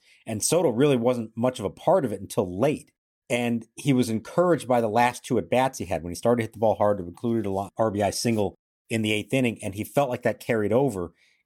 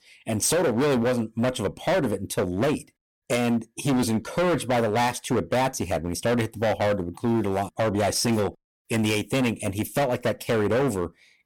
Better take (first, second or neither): first